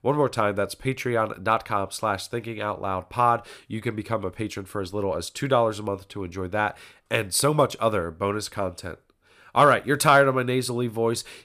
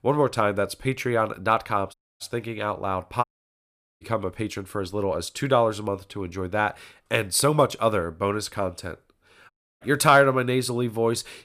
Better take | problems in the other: first | audio cutting out; at 2 s, at 3 s for 1 s and at 9.5 s

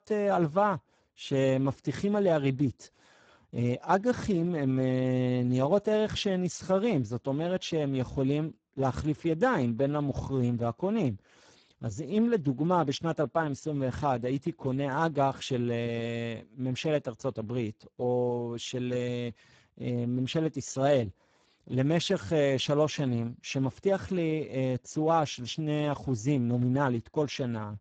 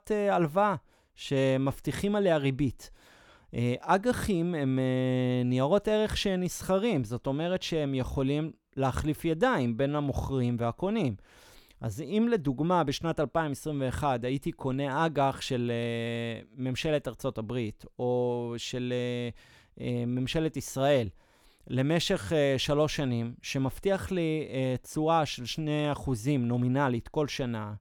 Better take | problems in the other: second | garbled, watery; badly; nothing above 7.5 kHz

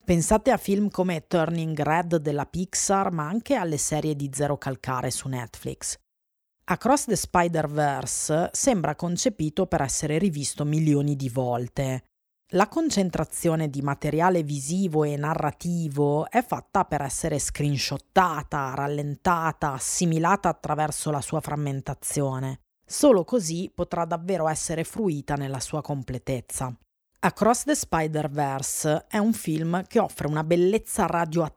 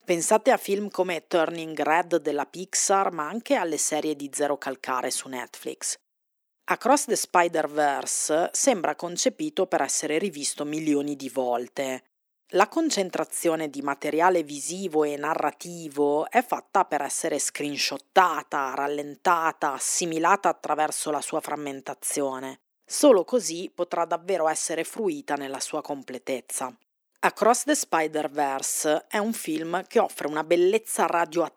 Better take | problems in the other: first | thin; somewhat; fading below 250 Hz

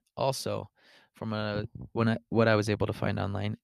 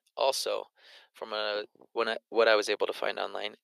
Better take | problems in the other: first | thin; very; fading below 450 Hz

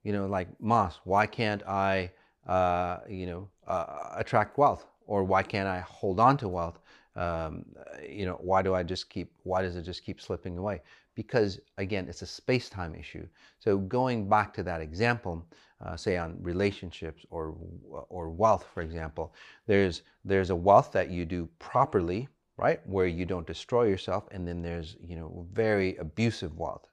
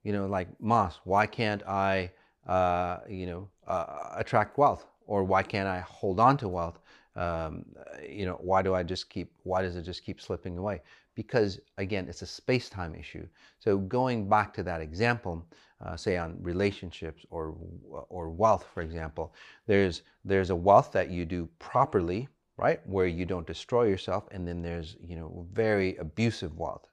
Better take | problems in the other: neither | none

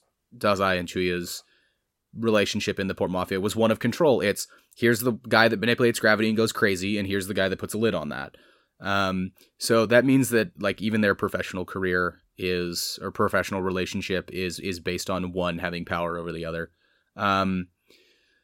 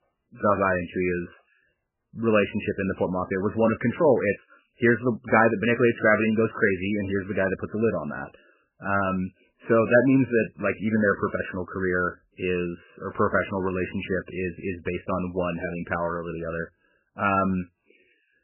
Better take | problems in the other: first | garbled, watery; badly; nothing above 3 kHz

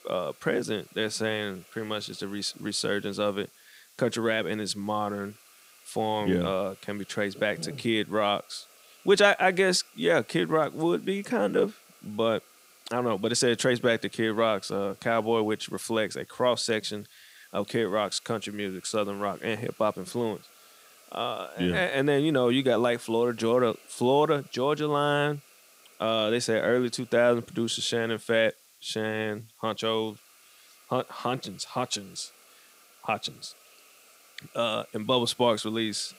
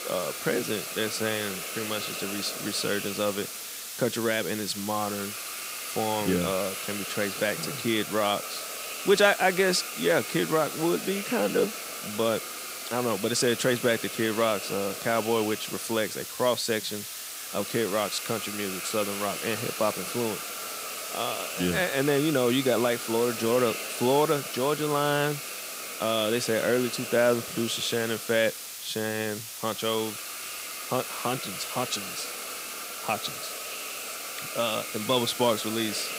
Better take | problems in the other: first | hiss; loud; throughout; 6 dB below the speech; faint in the first

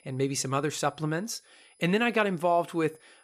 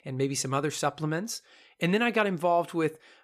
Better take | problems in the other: second | high-pitched whine; faint; throughout; 10 kHz, 35 dB below the speech

